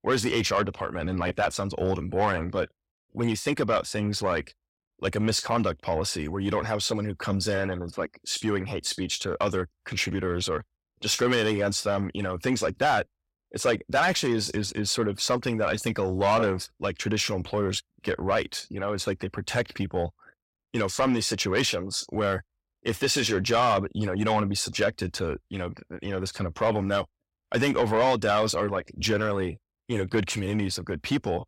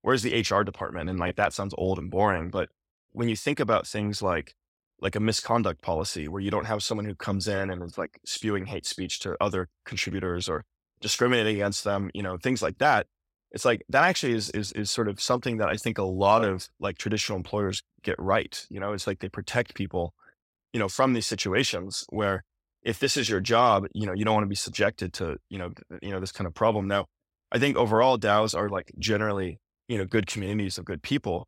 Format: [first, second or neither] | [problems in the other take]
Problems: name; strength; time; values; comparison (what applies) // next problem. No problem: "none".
second | distortion; slight; 10 dB below the speech